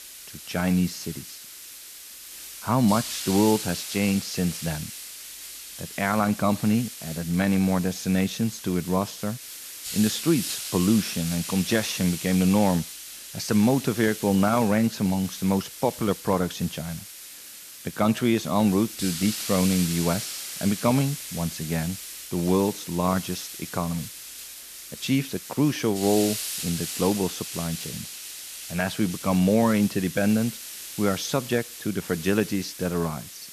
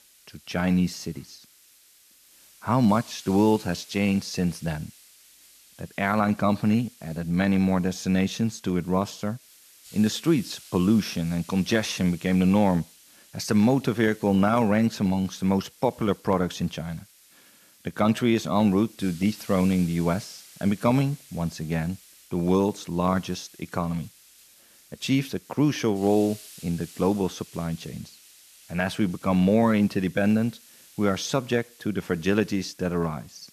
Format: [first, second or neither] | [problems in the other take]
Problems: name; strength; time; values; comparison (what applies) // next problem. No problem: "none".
second | hiss; loud; throughout; 9 dB below the speech; faint in the second